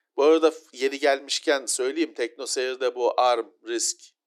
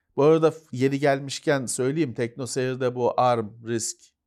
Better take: second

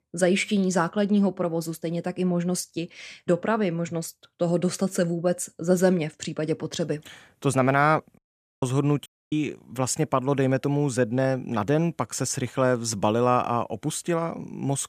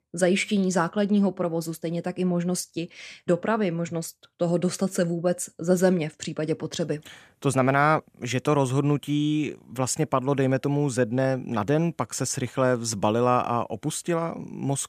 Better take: second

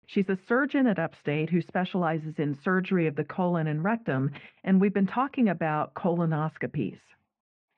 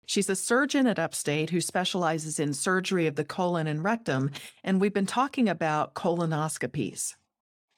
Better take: second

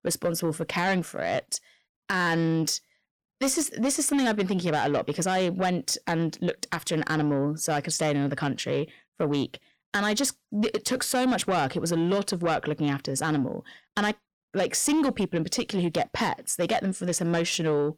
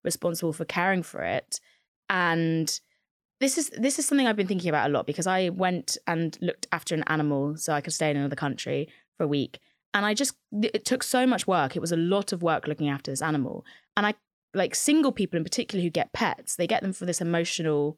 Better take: second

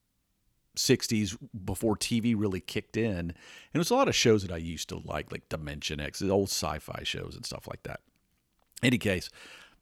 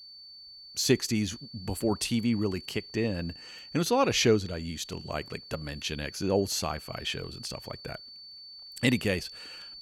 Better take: first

